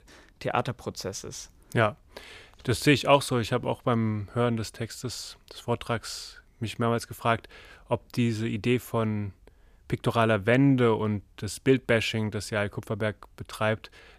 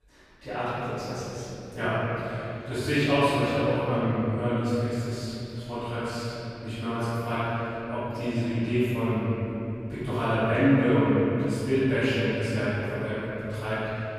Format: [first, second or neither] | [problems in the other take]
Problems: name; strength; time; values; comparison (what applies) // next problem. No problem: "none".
first | off-mic speech; far // room echo; strong; dies away in 3 s